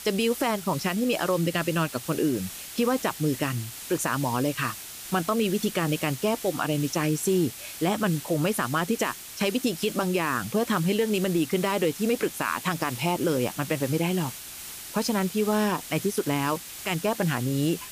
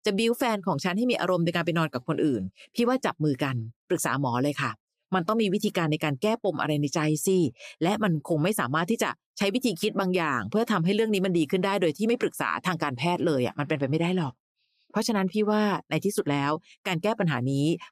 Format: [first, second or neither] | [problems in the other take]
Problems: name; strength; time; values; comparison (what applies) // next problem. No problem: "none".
second | hiss; noticeable; throughout; 10 dB below the speech